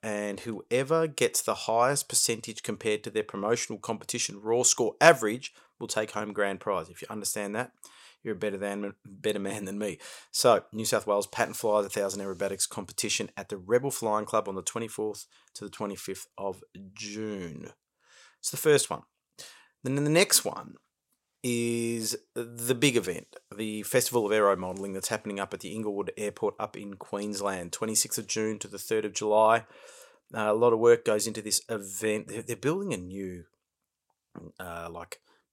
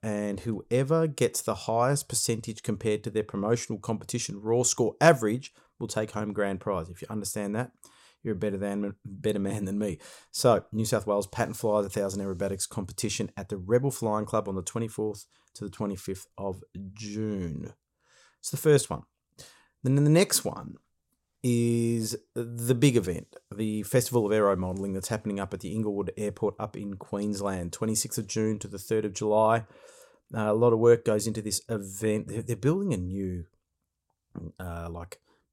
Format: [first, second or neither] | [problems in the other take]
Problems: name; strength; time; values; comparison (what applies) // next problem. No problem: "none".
second | thin; very slightly; fading below 1 kHz